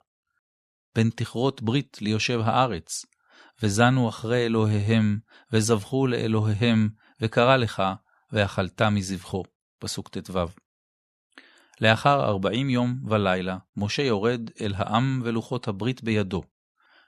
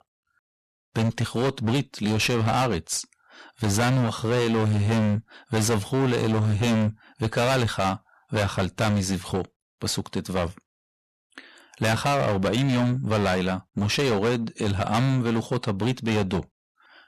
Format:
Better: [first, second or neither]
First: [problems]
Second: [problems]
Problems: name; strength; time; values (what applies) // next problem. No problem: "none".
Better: first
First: none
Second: distortion; heavy; 24% of the sound clipped